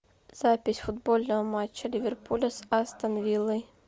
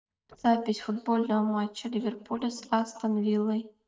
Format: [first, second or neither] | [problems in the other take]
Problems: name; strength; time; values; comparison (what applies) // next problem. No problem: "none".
first | noise reduction (neural mask model DeepFilterNet 3)